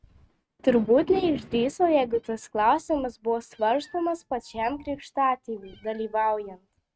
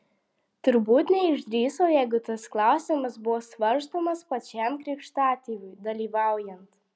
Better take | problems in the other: second | noise reduction (neural mask model RNNoise)

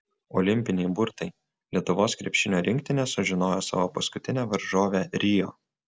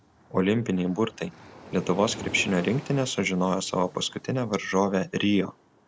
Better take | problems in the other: first | background sound (Waves, surf); 19 dB below the speech

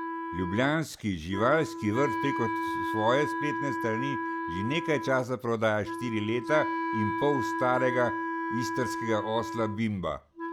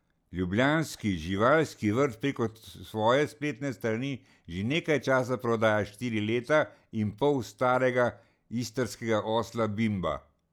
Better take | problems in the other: second | background sound (Wind instrument, woodwind instrument); 3 dB below the speech

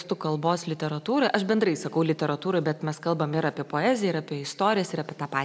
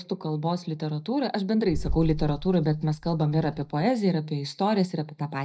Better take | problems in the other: first | noise reduction (neural mask model DeepFilterNet 3)

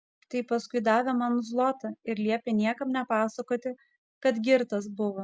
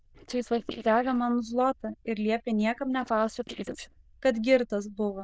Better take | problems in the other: first | noise reduction (neural diffusion model UNIVERSE++)

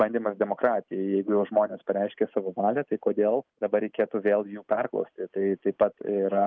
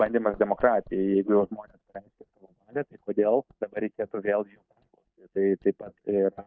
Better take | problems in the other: first | noise reduction (neural mask model DeepFilterNet 3)

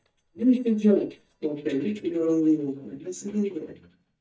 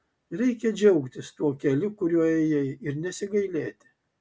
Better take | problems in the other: second | noise reduction (neural mask model DeepFilterNet 3)

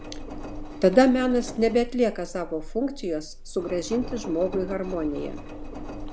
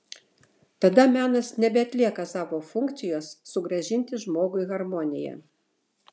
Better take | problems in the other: second | background sound (Engine); 10 dB below the speech

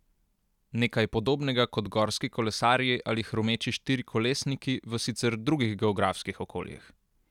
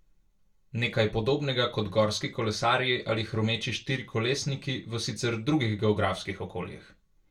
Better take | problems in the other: first | room echo; dies away in 0.2 s

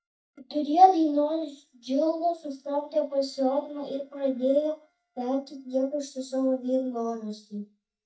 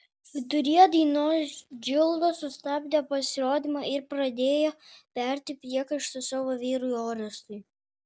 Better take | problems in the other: second | noise reduction (neural mask model DeepFilterNet 3)

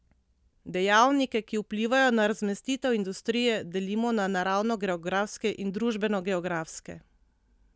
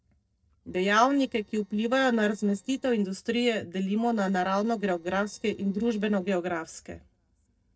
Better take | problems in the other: first | noise reduction (neural separator model SepFormer DNS4)

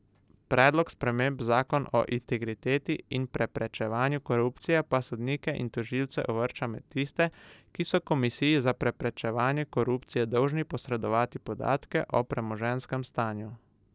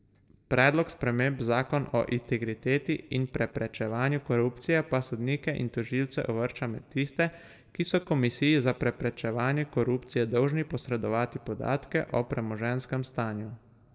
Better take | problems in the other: first | room echo; dies away in 1.2 s

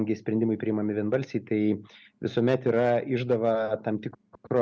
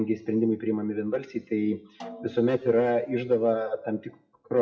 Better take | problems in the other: first | noise reduction (classical method WPE with log-MMSE)

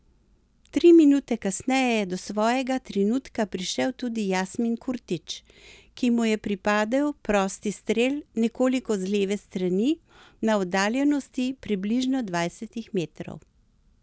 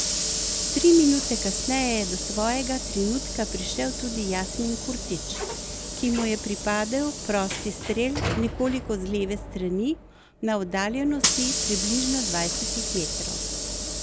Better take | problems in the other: first | background sound (Sliding door / Hiss); 3 dB below the speech

